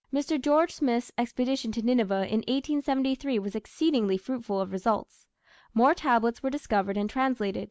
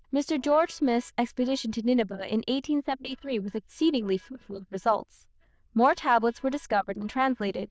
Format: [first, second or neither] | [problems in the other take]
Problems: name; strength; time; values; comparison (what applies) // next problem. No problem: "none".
first | noise reduction (neural diffusion model UNIVERSE++)